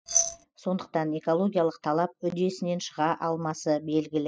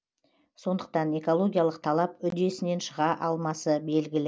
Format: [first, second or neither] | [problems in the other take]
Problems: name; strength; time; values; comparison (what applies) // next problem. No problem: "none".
second | noise reduction (classical method spectral subtraction)